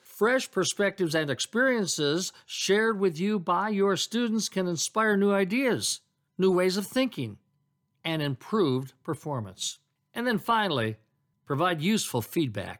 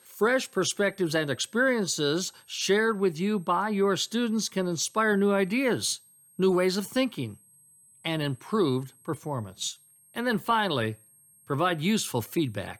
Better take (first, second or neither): first